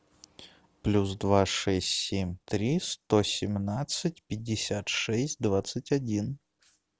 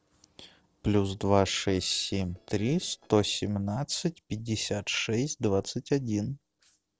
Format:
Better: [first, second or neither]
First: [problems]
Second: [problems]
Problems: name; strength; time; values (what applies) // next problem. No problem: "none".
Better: first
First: none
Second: noise reduction (neural separator model SepFormer DNS4)